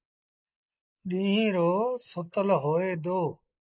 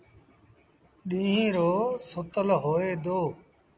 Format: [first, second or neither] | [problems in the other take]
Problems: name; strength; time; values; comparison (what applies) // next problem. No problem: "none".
second | noise reduction (neural mask model Resemble Enhance denoiser)